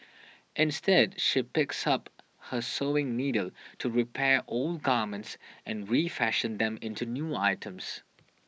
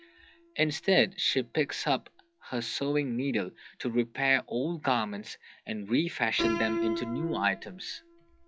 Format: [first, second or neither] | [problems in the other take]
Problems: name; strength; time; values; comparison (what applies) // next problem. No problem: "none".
first | noise reduction (classical method log-MMSE)